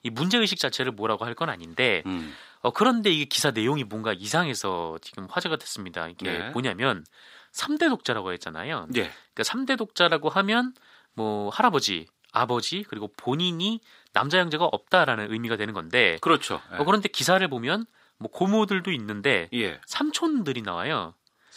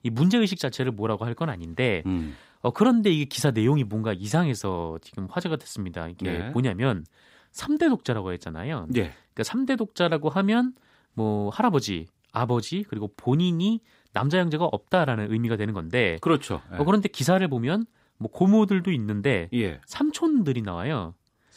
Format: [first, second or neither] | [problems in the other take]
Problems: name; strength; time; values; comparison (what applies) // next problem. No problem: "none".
second | thin; somewhat; fading below 550 Hz